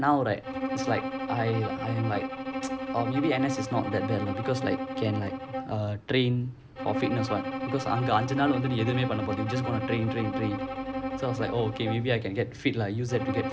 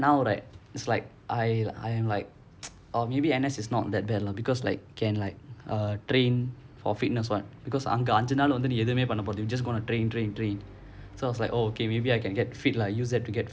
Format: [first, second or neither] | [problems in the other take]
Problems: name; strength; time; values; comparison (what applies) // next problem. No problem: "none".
second | background sound (Bowed string instrument); 5 dB below the speech